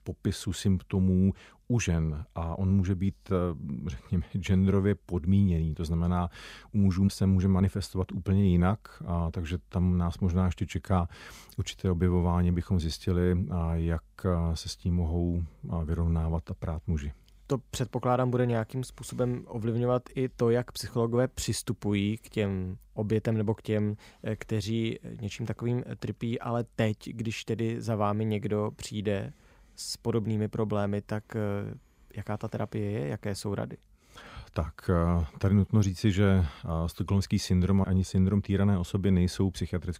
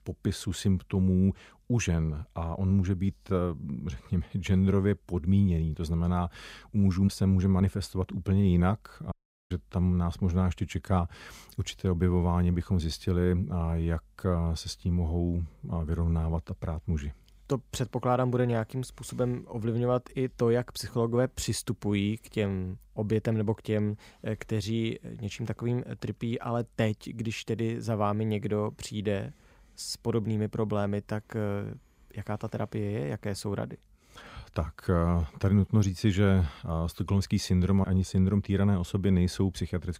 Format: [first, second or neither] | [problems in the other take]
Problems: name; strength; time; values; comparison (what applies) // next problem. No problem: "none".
first | audio cutting out; at 9 s